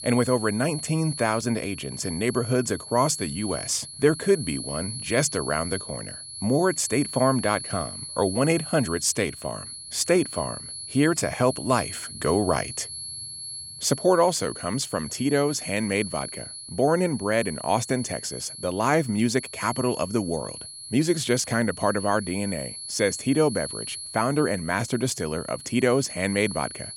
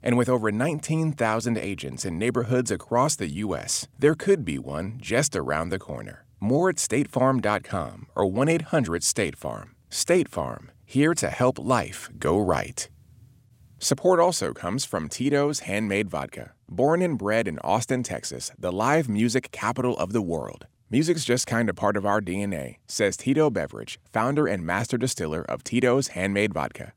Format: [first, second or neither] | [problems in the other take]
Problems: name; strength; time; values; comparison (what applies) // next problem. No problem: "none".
second | high-pitched whine; loud; throughout; 4.5 kHz, 10 dB below the speech